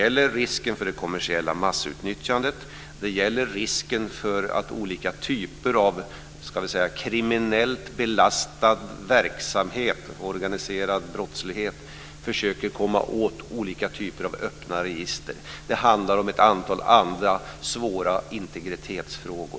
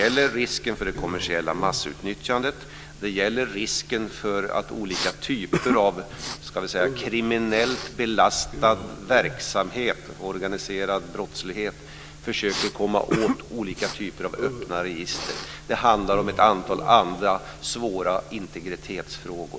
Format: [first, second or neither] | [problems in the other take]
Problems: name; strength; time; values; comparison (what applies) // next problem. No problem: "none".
first | background sound (Respiratory sounds); 10 dB below the speech